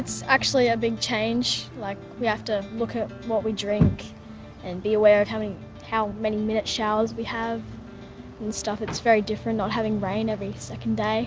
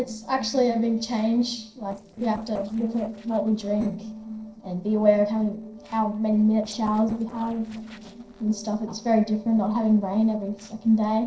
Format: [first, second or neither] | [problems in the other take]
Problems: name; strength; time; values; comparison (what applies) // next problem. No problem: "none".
first | noise reduction (neural separator model SepFormer DNS4)